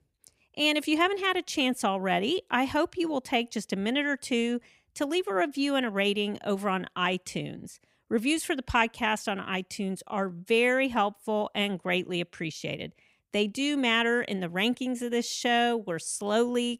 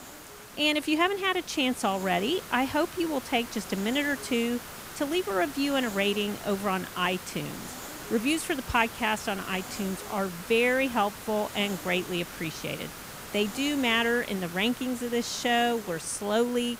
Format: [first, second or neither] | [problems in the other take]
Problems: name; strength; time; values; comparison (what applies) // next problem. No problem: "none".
first | hiss; noticeable; throughout; 10 dB below the speech